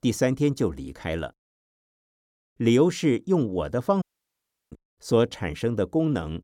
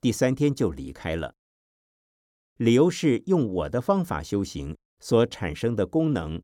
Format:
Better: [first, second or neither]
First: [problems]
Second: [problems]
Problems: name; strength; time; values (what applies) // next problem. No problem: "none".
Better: second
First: audio cutting out; at 4 s for 0.5 s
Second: none